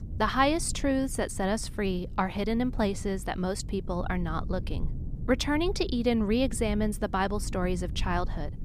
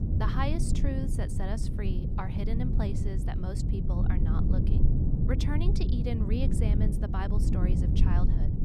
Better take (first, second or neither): first